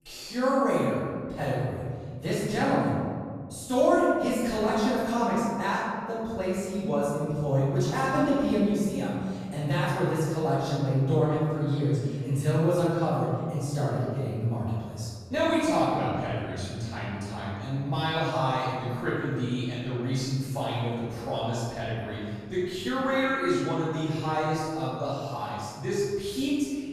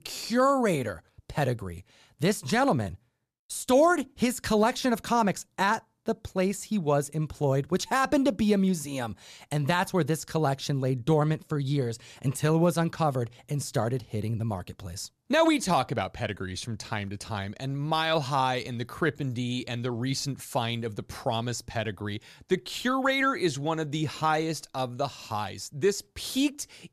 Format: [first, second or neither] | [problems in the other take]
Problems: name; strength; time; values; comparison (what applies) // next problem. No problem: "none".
second | off-mic speech; far // room echo; strong; dies away in 2.1 s